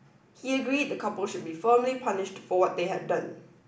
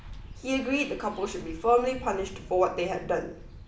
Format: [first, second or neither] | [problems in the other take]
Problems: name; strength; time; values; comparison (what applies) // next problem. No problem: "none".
first | background sound (Bus); 15 dB below the speech